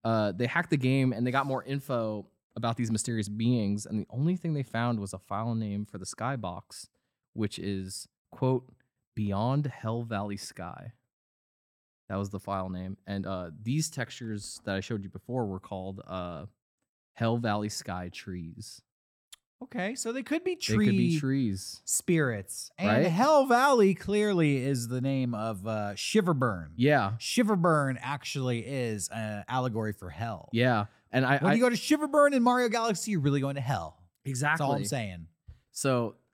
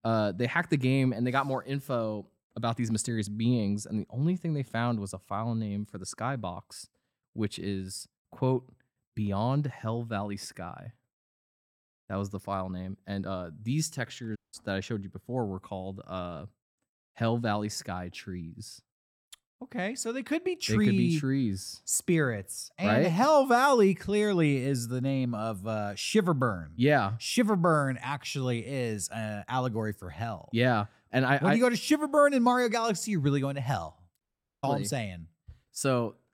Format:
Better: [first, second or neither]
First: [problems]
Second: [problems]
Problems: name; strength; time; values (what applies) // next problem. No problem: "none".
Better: first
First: none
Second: audio cutting out; at 14 s and at 34 s